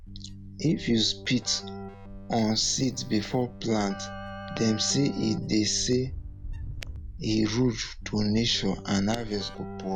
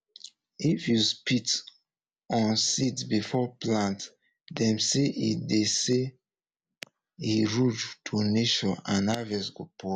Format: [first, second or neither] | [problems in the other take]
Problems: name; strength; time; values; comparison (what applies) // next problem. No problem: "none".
second | background sound (Keyboard (musical) + Wind); 11 dB below the speech